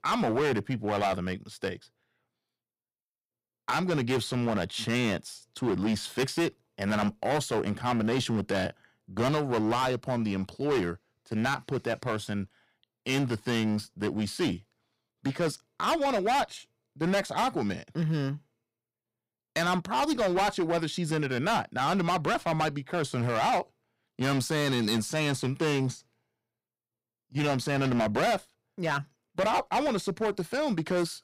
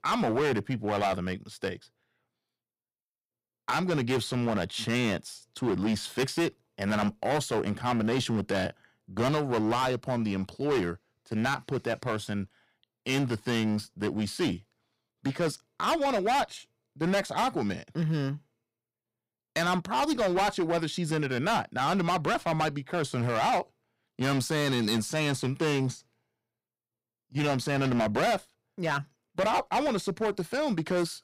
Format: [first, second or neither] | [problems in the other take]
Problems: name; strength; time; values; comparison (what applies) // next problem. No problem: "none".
neither | distortion; heavy; 13% of the sound clipped; the same in both